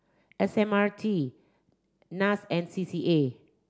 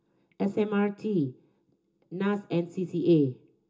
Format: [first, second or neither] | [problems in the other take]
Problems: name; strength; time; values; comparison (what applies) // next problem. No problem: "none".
first | room echo; dies away in 0.2 s